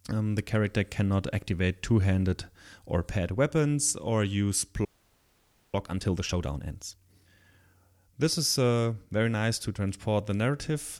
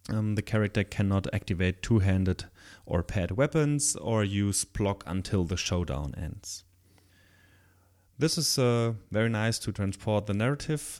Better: second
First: audio freezing; at 5 s for 1 s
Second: none

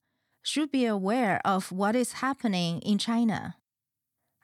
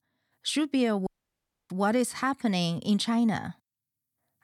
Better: first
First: none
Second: audio cutting out; at 1 s for 0.5 s

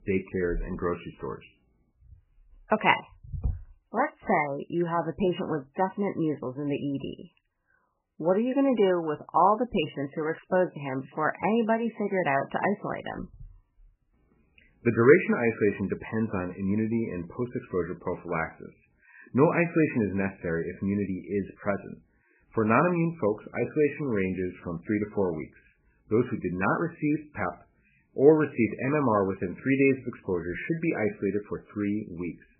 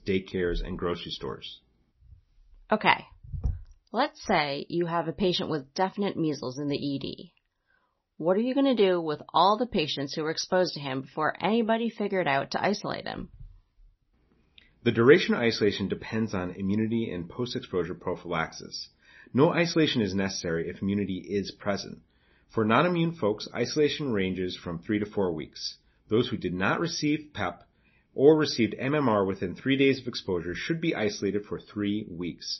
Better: second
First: garbled, watery; badly; nothing above 3 kHz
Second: garbled, watery; slightly; nothing above 6 kHz

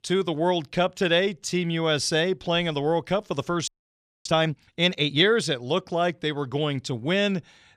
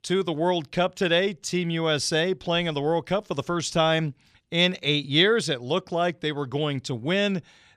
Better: second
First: audio freezing; at 3.5 s for 0.5 s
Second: none

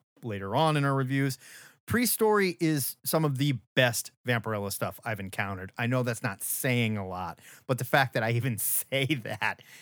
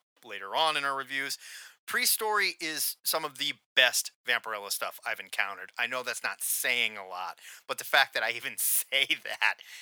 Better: first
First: none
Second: thin; very; fading below 750 Hz

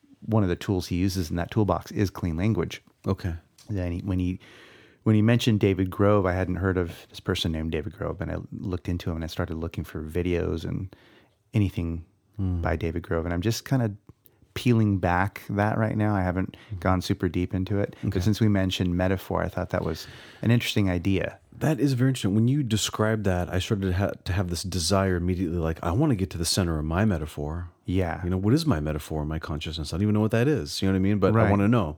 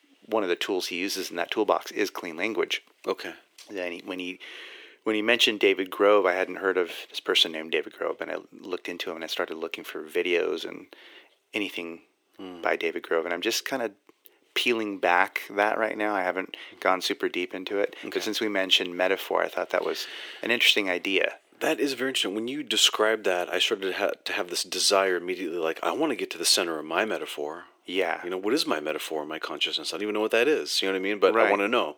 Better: first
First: none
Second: thin; very; fading below 400 Hz

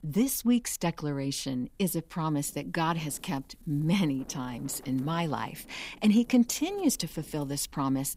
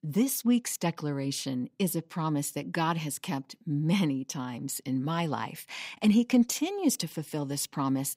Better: second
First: wind noise on the microphone; occasional gusts; 25 dB below the speech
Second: none

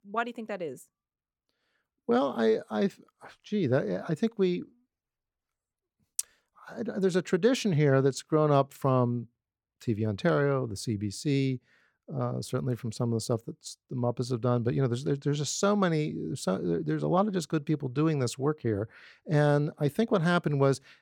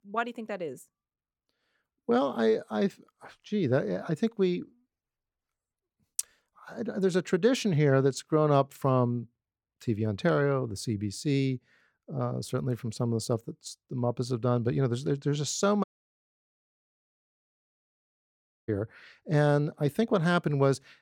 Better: first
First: none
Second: audio cutting out; at 16 s for 3 s

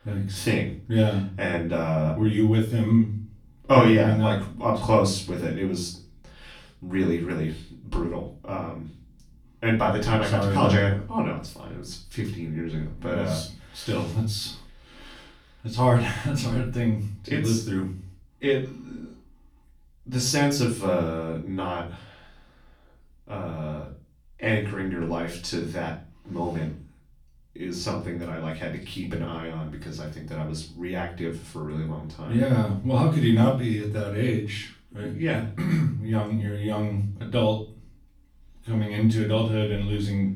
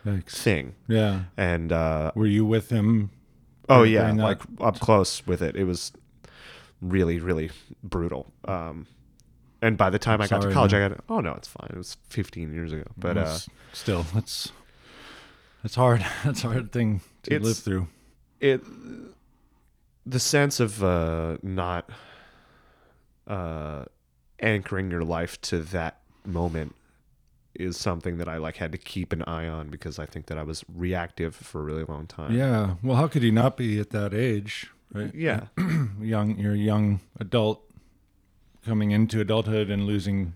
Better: second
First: room echo; slight; dies away in 0.3 s // off-mic speech; far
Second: none

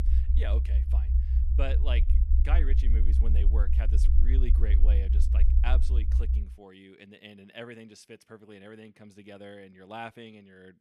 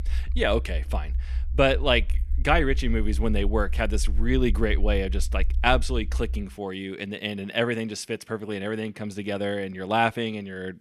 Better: second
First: low rumble; loud; until 6.5 s; 3 dB below the speech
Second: low rumble; faint; until 6.5 s; 25 dB below the speech

